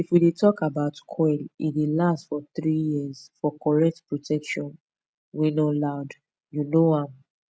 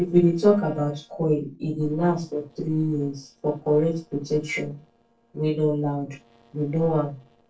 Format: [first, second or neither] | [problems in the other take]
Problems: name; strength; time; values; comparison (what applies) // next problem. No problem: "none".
first | noise reduction (neural separator model SepFormer DNS4)